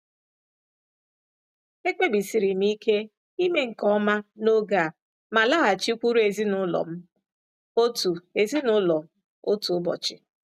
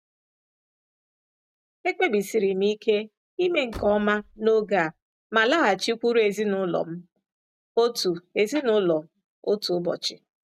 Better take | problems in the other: first | background sound (Slam); 18 dB below the speech

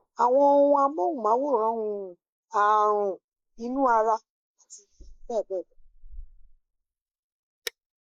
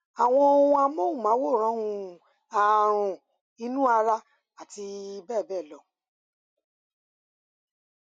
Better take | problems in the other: second | noise reduction (neural mask model Resemble Enhance denoiser)

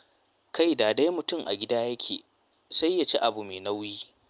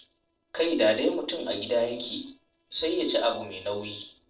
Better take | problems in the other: first | noise reduction (neural separator model SepFormer DNS4)

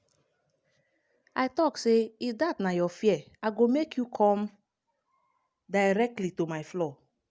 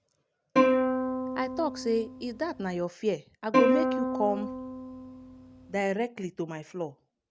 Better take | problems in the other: first | background sound (Plucked string instrument); 4 dB above the speech

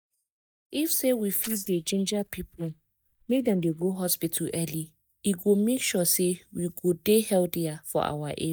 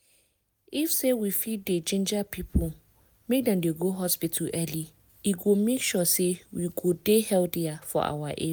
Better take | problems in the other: second | noise reduction (neural mask model DeepFilterNet 3)

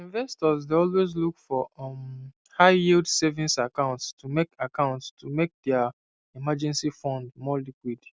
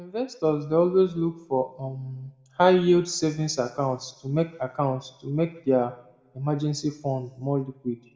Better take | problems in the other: first | room echo; dies away in 0.8 s

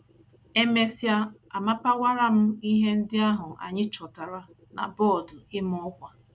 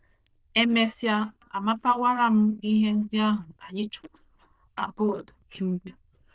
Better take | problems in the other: first | noise reduction (neural diffusion model UNIVERSE++)

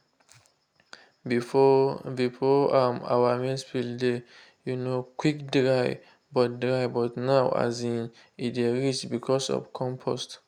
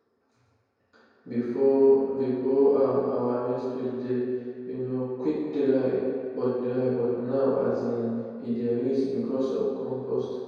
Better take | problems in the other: first | room echo; dies away in 2.2 s

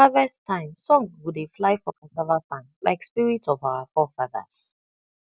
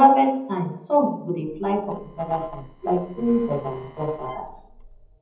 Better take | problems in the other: first | noise reduction (neural separator model SepFormer DNS4)

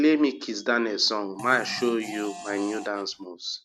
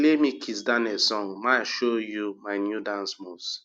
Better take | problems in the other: second | background sound (Fart); 15 dB below the speech

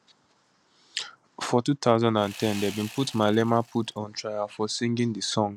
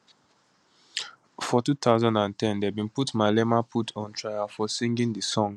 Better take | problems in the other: second | background sound (Sawing); 17 dB below the speech

